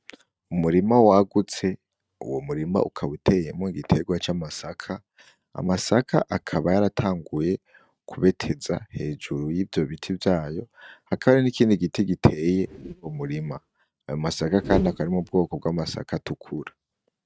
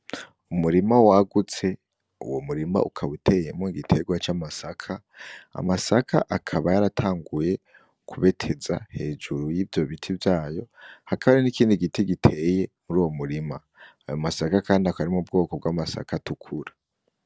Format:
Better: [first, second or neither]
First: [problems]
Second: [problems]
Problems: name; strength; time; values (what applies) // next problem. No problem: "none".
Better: second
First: noise reduction (neural mask model RNNoise)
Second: none